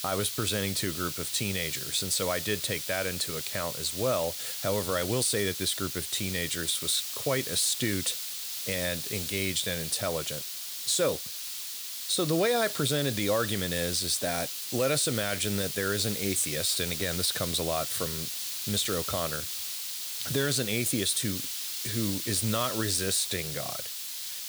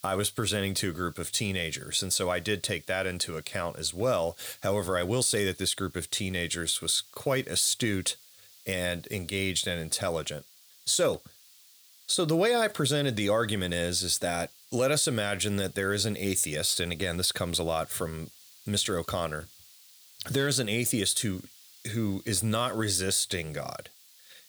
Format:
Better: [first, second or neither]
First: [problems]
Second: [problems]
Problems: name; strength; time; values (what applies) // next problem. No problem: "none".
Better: second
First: hiss; loud; throughout; 4 dB below the speech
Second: hiss; faint; throughout; 25 dB below the speech